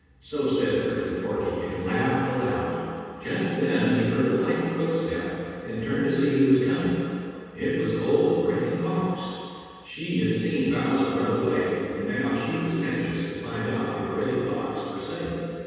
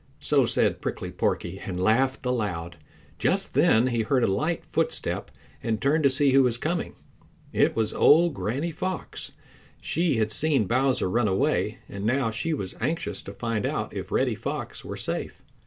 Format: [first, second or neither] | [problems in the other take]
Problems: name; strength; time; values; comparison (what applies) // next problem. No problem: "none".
second | room echo; dies away in 2.1 s